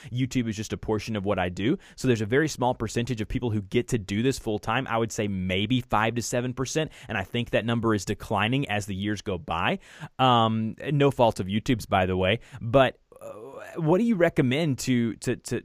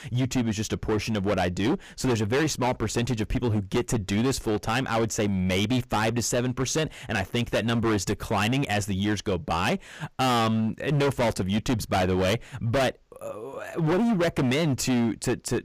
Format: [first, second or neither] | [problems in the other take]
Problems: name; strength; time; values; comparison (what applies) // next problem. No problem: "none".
first | distortion; heavy; 19% of the sound clipped